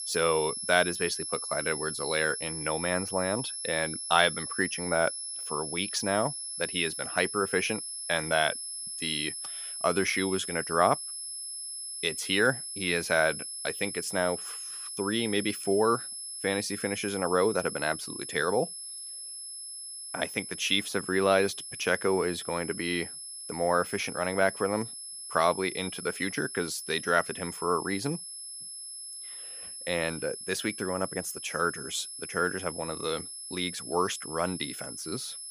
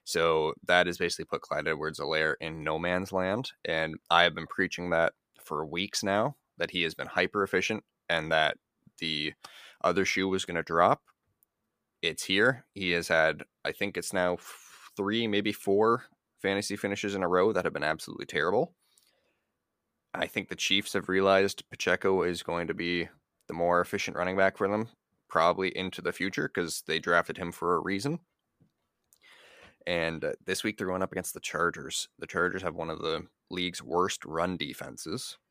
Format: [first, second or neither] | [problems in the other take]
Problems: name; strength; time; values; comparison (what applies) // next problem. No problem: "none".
second | high-pitched whine; loud; throughout; 11 kHz, 7 dB below the speech